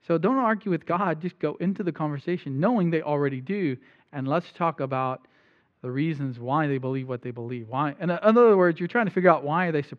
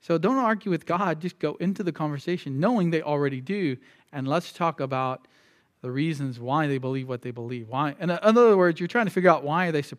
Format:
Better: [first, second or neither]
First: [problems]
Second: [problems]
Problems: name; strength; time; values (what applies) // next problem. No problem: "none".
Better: second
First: muffled; slightly; fading above 2.5 kHz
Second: none